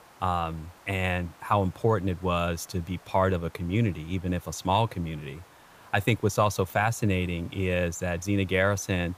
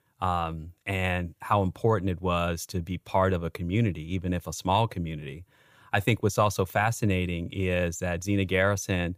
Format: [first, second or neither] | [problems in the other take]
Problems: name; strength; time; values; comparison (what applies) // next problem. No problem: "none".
second | hiss; faint; throughout; 25 dB below the speech